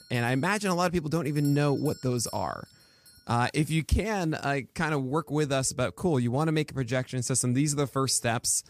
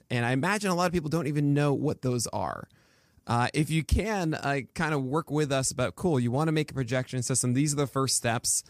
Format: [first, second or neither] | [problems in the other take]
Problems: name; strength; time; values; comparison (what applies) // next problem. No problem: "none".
second | alarms or sirens; faint; throughout; 20 dB below the speech